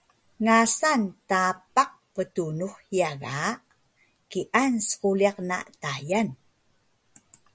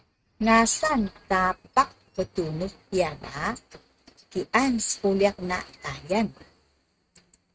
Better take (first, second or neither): first